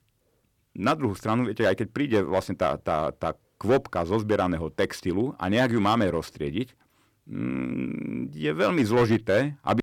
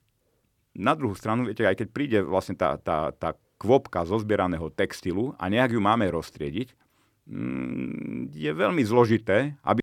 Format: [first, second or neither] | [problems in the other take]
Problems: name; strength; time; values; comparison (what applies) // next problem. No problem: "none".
second | distortion; slight; 3% of the sound clipped